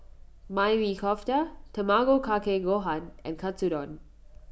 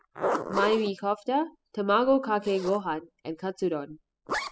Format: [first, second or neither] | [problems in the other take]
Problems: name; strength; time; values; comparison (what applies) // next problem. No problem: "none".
first | noise reduction (classical method spectral subtraction)